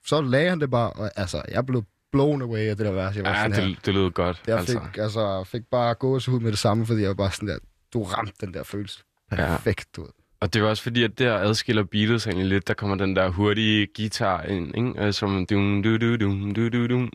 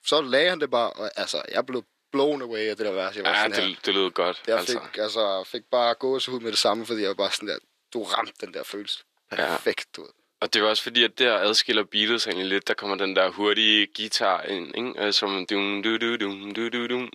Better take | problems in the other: first | thin; somewhat; fading below 350 Hz

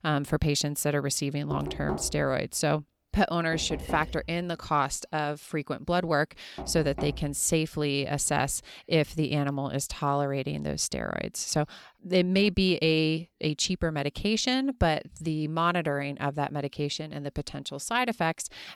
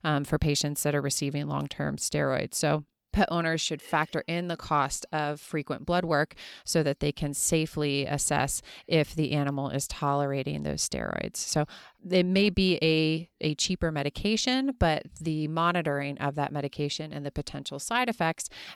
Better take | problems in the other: second | door banging; noticeable; from 1.5 to 7.5 s; peak 7 dB below the speech

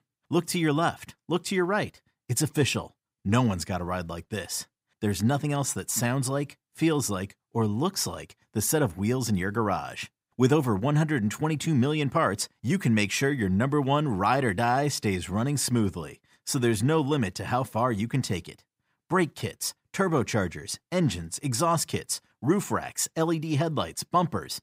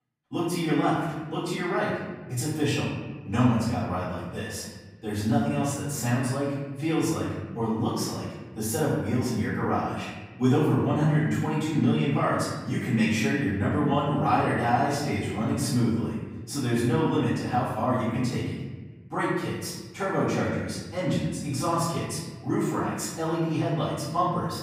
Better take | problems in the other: first | off-mic speech; far // room echo; noticeable; dies away in 1.3 s

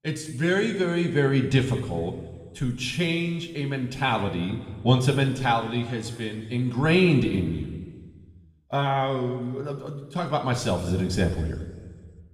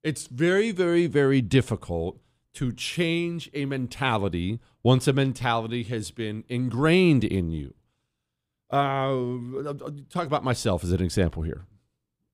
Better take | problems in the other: second | room echo; noticeable; dies away in 1.4 s // off-mic speech; somewhat distant

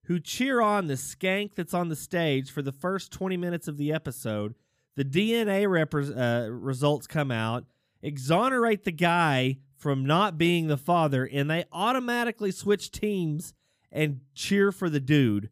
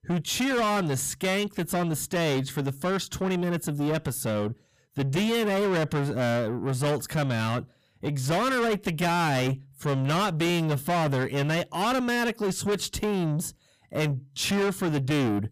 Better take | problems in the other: first | distortion; heavy; 6 dB below the speech

